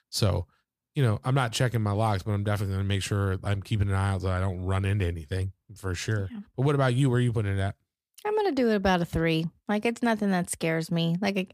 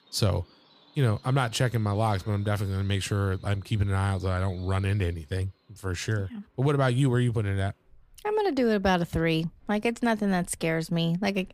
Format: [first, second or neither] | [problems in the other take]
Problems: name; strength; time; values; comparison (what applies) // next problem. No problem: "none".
first | animal sounds; faint; throughout; 30 dB below the speech